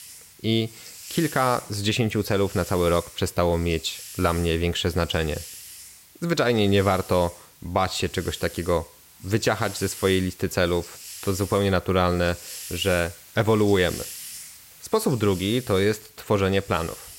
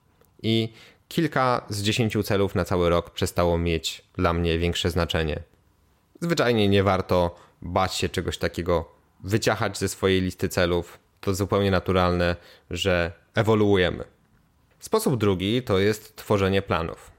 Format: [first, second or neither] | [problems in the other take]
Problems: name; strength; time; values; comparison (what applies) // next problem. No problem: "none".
second | hiss; noticeable; throughout; 15 dB below the speech